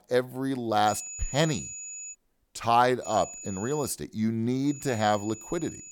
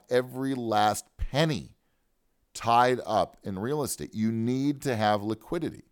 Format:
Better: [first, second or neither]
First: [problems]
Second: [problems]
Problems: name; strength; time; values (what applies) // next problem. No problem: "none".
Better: second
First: high-pitched whine; noticeable; from 1 to 2 s, at 3 s and from 4.5 s on; 7 kHz, 10 dB below the speech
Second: none